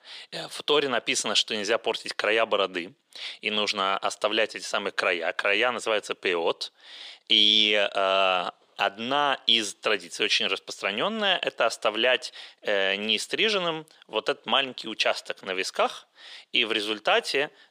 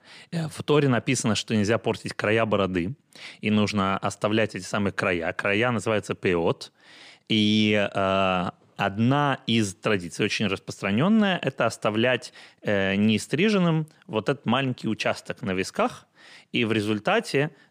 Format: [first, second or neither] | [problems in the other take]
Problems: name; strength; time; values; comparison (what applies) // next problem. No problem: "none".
second | thin; very; fading below 550 Hz